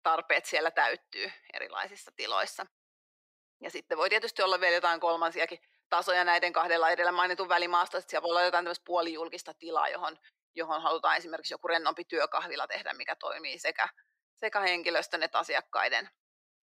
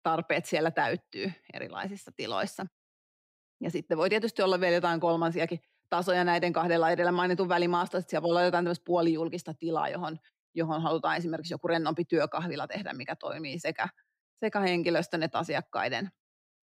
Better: second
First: thin; very; fading below 500 Hz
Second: none

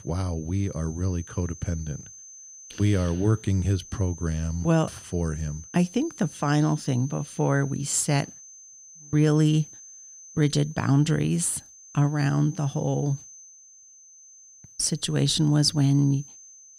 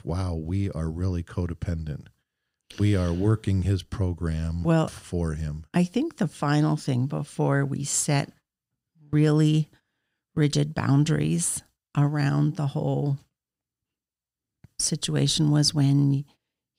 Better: second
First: high-pitched whine; noticeable; throughout; 6 kHz, 20 dB below the speech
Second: none

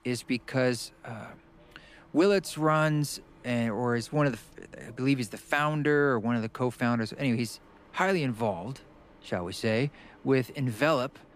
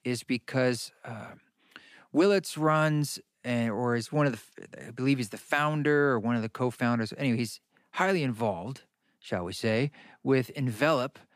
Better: second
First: train or aircraft noise; faint; throughout; 30 dB below the speech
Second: none

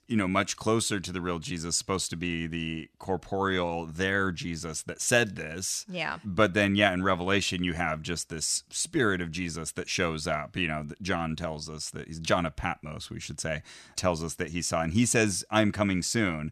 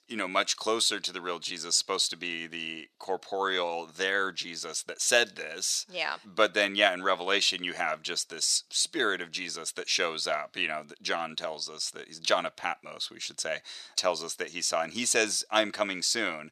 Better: first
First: none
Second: thin; somewhat; fading below 500 Hz

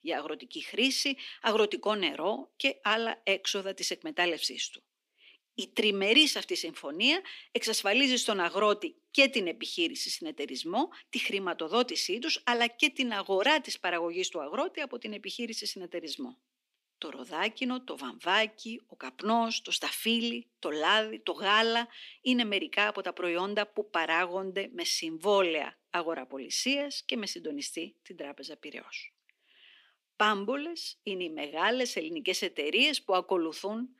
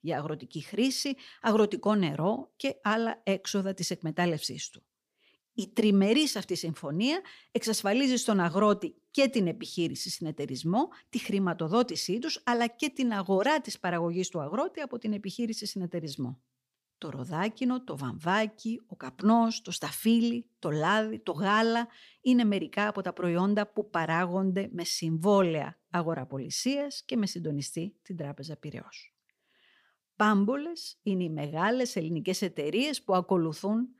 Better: second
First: thin; very slightly; fading below 250 Hz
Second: none

